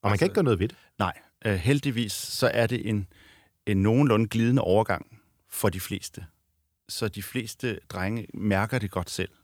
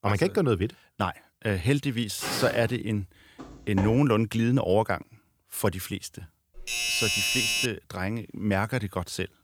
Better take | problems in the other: first | footsteps; noticeable; at 2 s and at 3.5 s; peak 4 dB below the speech // doorbell; loud; from 6.5 to 7.5 s; peak 5 dB above the speech

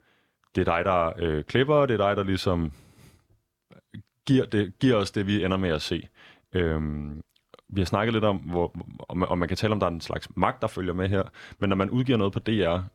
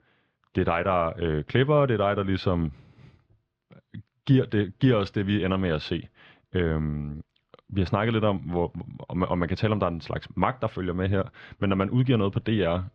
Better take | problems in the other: first | muffled; very slightly; fading above 4 kHz

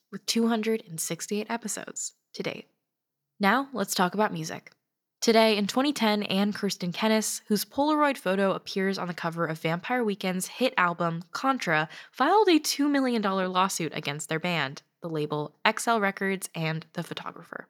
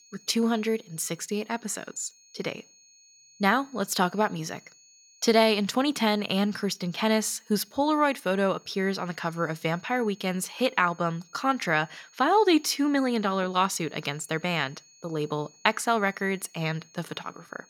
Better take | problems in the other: first | high-pitched whine; faint; throughout; 6.5 kHz, 30 dB below the speech

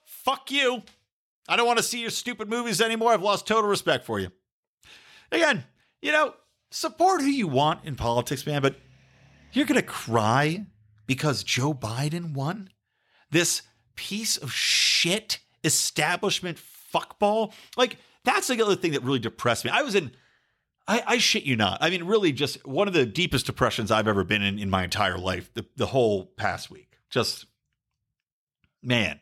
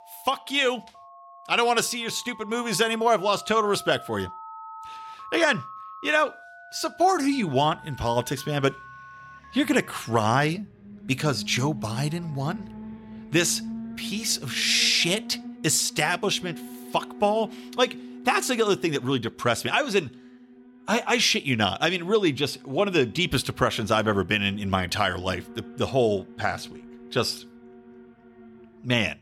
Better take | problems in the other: first | alarms or sirens; noticeable; throughout; 20 dB below the speech

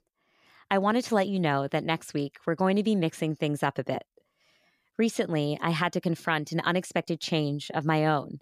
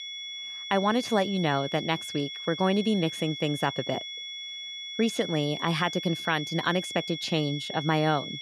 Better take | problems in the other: first | high-pitched whine; loud; throughout; 3.5 kHz, 7 dB below the speech

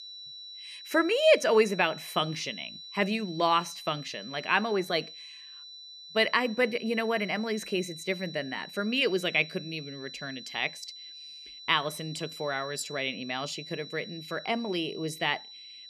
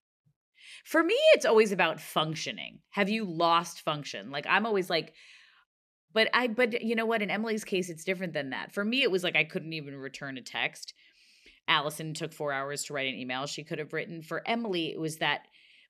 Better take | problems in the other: second | high-pitched whine; noticeable; throughout; 4 kHz, 15 dB below the speech

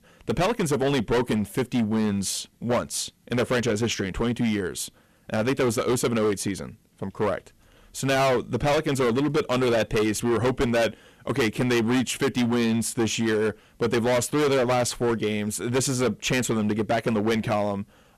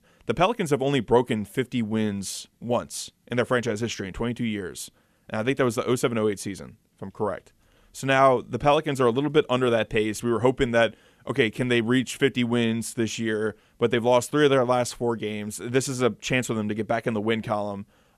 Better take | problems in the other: second | distortion; heavy; 16% of the sound clipped

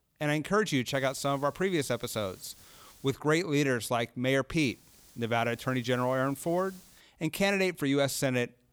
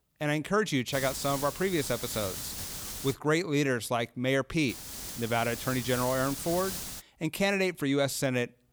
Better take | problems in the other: first | hiss; loud; from 1 to 3 s and from 4.5 to 7 s; 7 dB below the speech; faint in the first

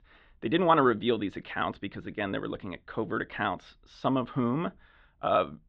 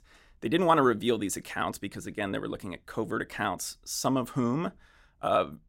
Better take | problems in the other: second | muffled; very; fading above 3.5 kHz

